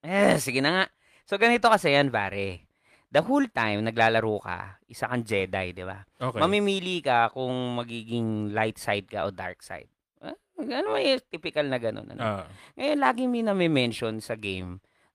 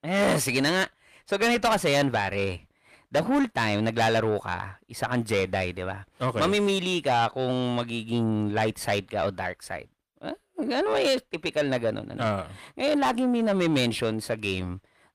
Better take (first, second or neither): first